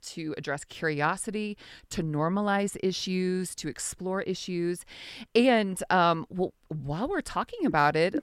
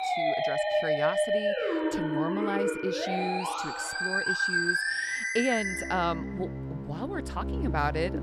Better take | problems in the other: first | background music; very loud; throughout; 4 dB above the speech

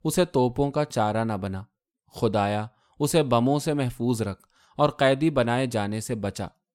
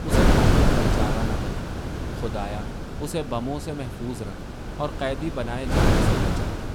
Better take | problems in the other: first | wind noise on the microphone; heavy; 4 dB above the speech

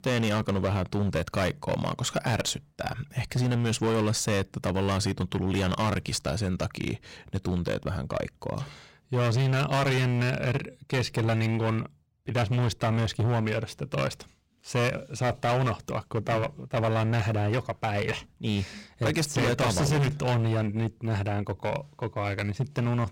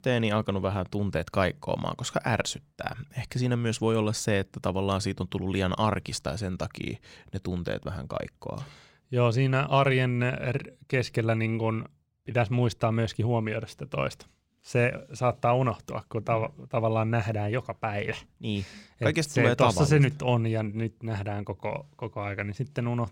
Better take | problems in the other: second | distortion; heavy; 15% of the sound clipped

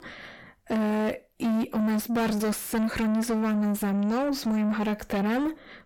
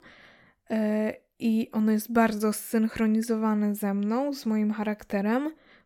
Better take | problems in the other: second | distortion; heavy; 6 dB below the speech

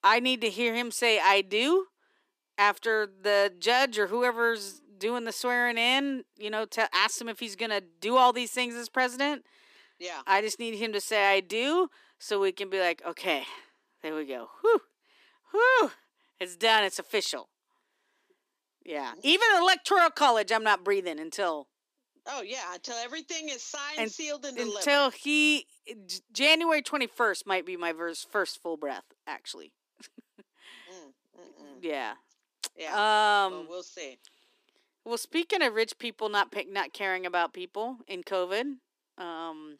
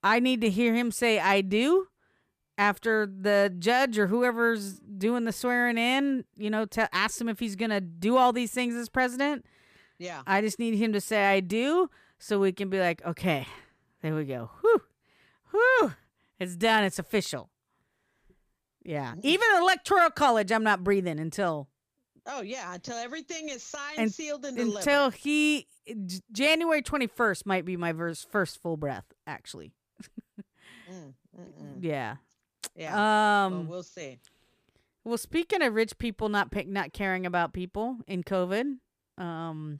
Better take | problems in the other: second | thin; somewhat; fading below 250 Hz

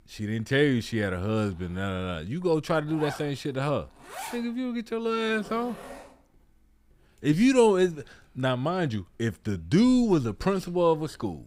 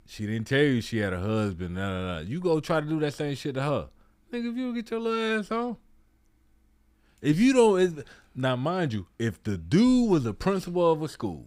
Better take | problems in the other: second | household noises; noticeable; throughout; 15 dB below the speech

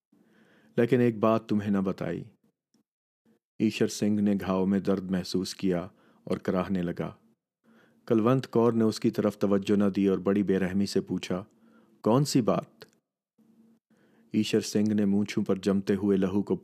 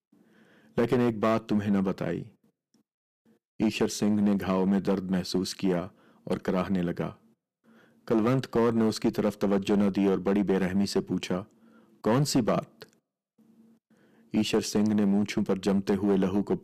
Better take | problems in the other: first | distortion; slight; 5% of the sound clipped

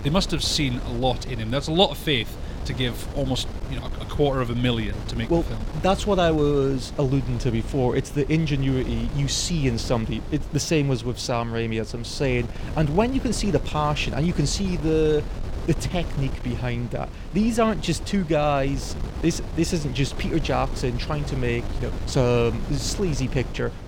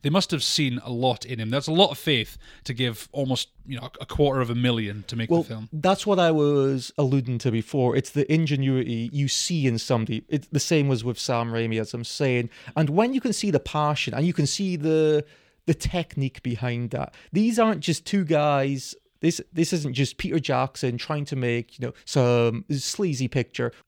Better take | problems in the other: second | wind noise on the microphone; occasional gusts; 15 dB below the speech

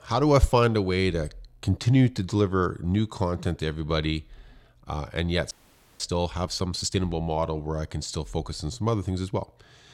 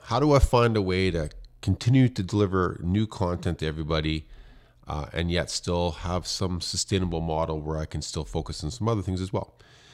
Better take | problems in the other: second | audio freezing; at 5.5 s

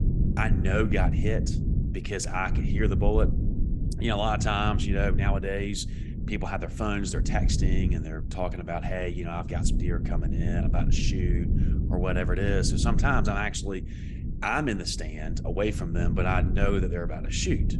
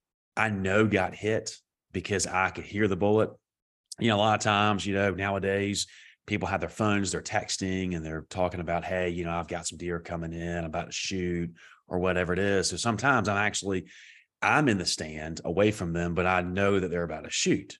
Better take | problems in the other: second | low rumble; loud; throughout; 10 dB below the speech

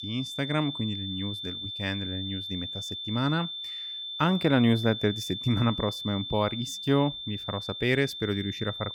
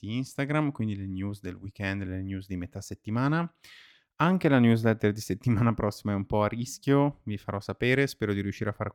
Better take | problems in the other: second | high-pitched whine; loud; throughout; 3.5 kHz, 6 dB below the speech

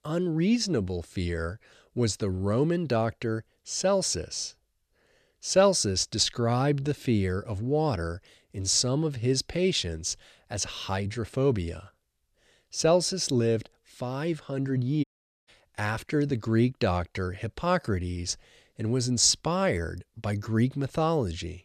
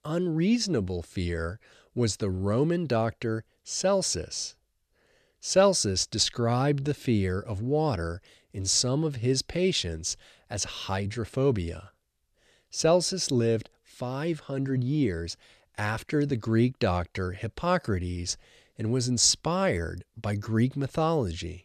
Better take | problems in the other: second | audio cutting out; at 15 s

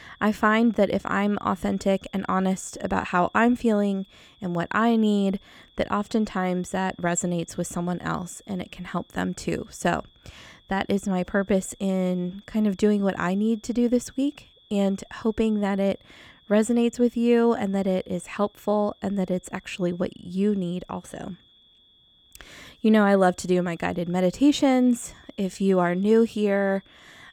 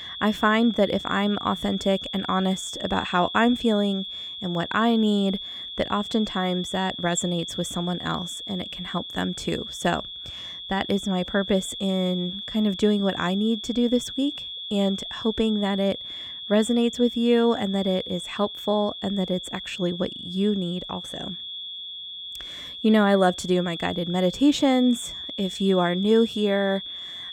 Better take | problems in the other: first | high-pitched whine; loud; throughout; 3.5 kHz, 9 dB below the speech; faint in the first

